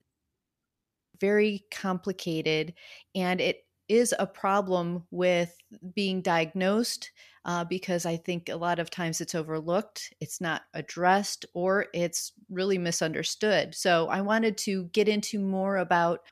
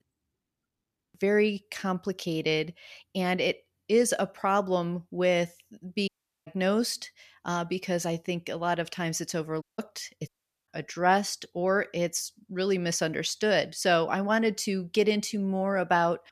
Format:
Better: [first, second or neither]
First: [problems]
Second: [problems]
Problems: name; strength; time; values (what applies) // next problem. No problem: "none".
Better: first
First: none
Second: audio cutting out; at 6 s, at 9.5 s and at 10 s